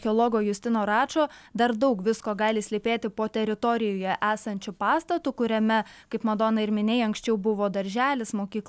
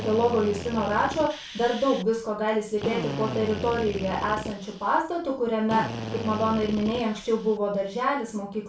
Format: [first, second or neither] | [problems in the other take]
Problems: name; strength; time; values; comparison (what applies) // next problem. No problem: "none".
first | background sound (Drill); 10 dB below the speech // room echo; dies away in 0.3 s